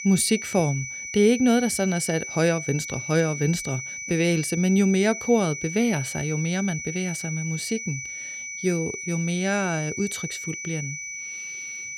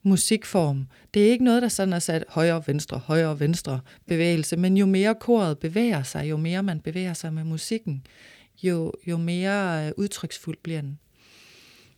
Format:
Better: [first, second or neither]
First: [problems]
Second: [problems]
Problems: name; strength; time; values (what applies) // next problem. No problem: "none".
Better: second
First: high-pitched whine; loud; throughout; 2.5 kHz, 7 dB below the speech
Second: none